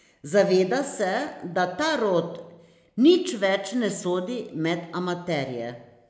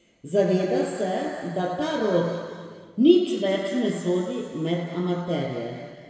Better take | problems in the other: first | room echo; dies away in 2.2 s

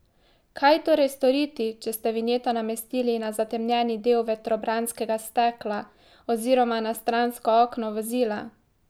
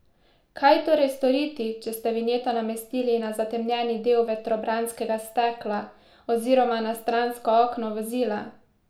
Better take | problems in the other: first | room echo; dies away in 0.4 s

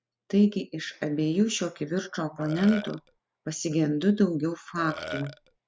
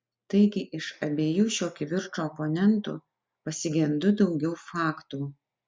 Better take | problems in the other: second | background sound (Burping, eructation); 11 dB below the speech

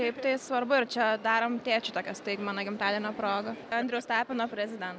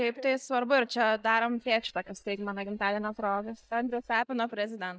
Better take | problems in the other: first | noise reduction (neural mask model DeepFilterNet 3)

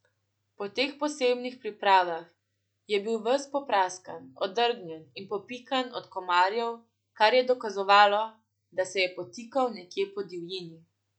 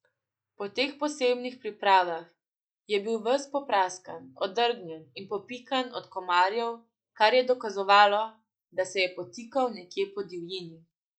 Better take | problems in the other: first | noise reduction (neural mask model Resemble Enhance denoiser)

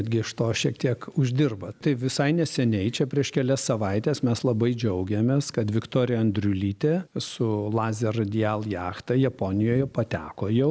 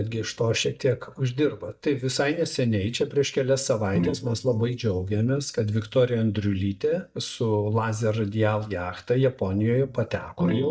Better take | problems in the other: first | noise reduction (neural mask model DeepFilterNet 3)

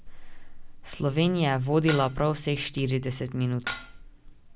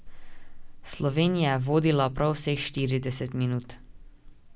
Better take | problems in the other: second | background sound (Dishes, pots, and pans); 11 dB below the speech

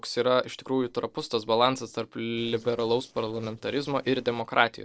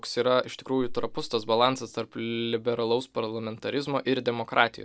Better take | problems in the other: second | noise reduction (neural separator model SepFormer DNS4)

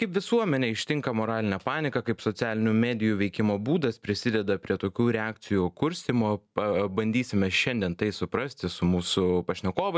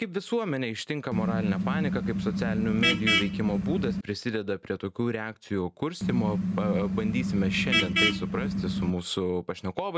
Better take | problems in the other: first | background sound (Vehicle horn, car horn, honking); 3 dB above the speech

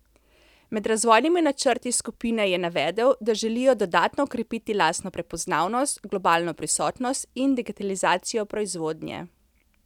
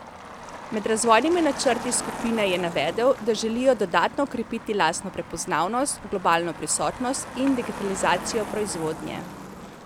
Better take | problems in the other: first | background sound (Motor vehicle (road)); 12 dB below the speech

